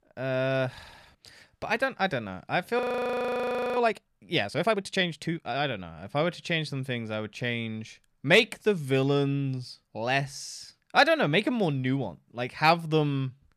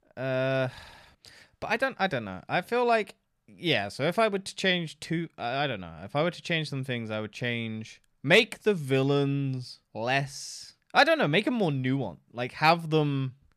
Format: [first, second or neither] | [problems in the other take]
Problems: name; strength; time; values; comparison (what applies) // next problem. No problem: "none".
second | audio freezing; at 3 s for 1 s